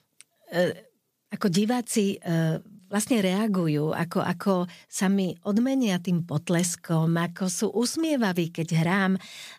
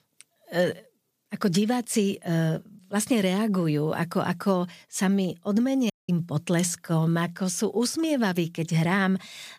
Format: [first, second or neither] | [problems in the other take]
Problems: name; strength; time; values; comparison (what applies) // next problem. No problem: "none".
first | audio cutting out; at 6 s